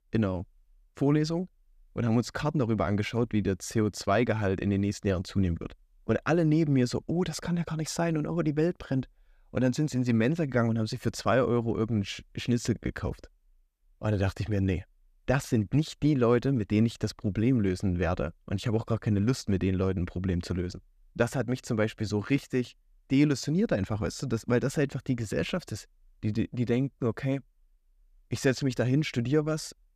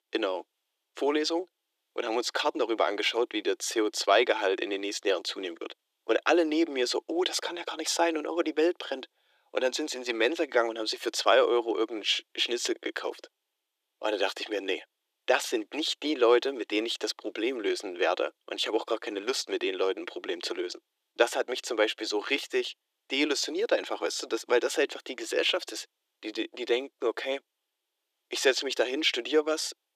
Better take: first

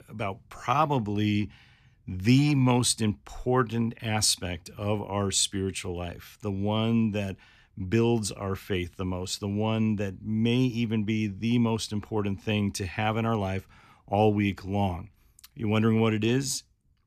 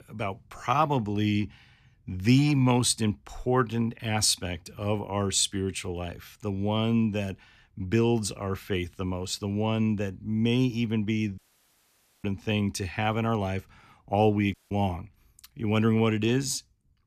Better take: first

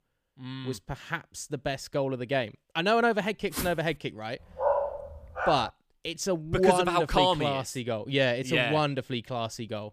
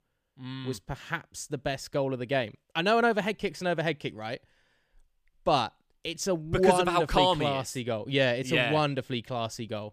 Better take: second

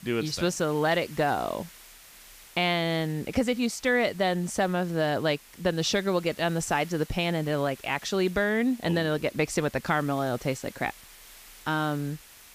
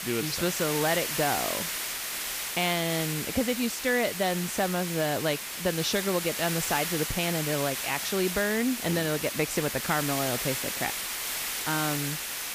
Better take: first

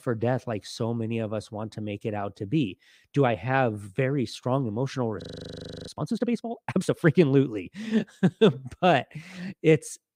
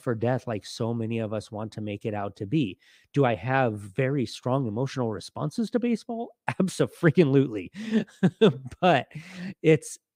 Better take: second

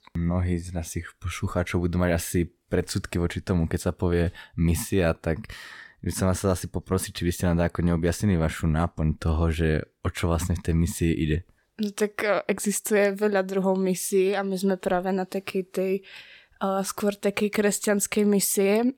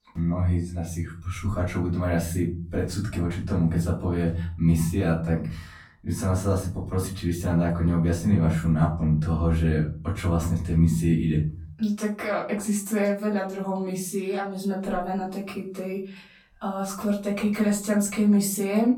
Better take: first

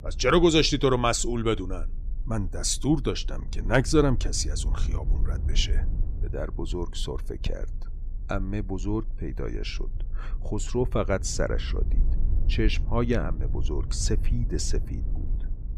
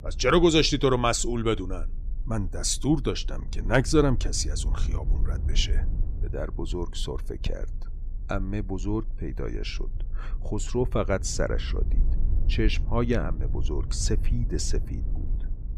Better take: neither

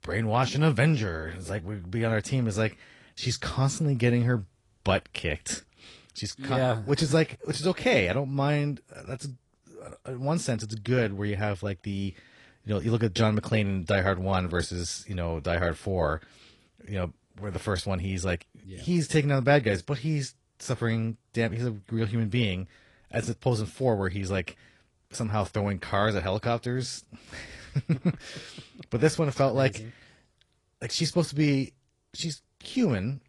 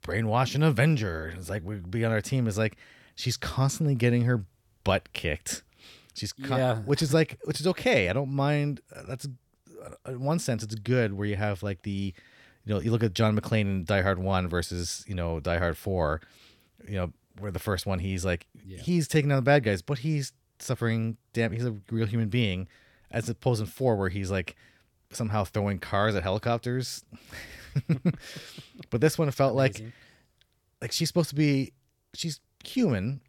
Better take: second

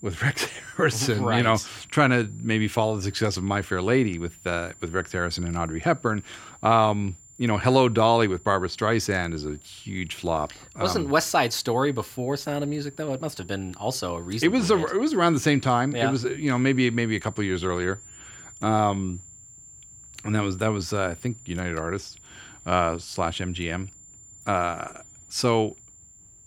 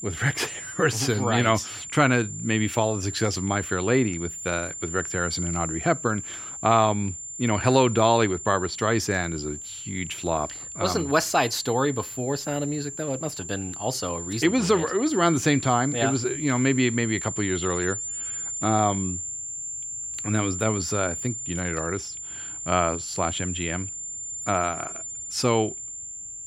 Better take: first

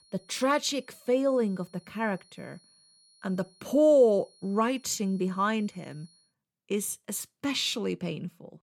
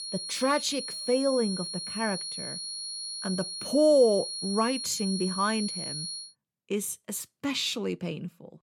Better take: first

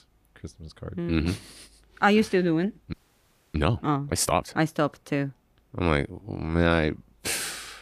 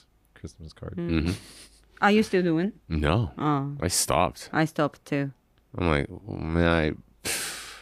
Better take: second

